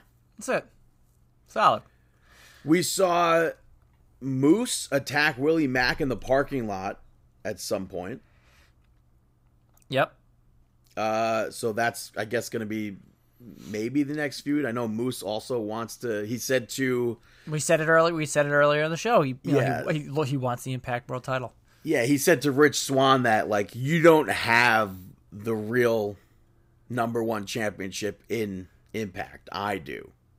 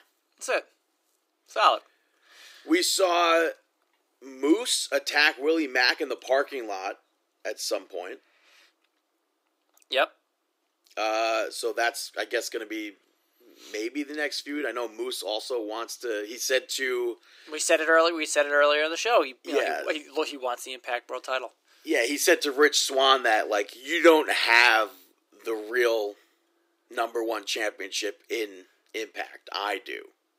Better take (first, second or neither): first